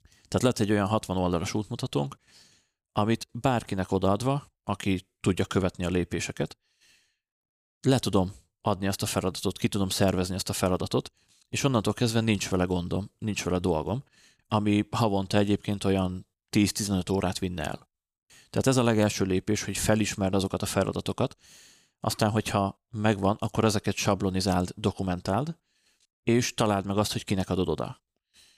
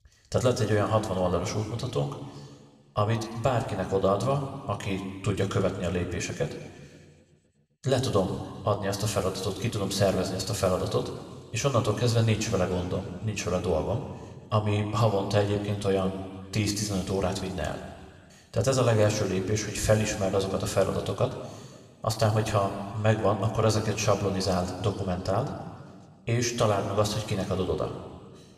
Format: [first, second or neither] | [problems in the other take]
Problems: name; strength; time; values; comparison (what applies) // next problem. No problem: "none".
first | room echo; slight; dies away in 1.8 s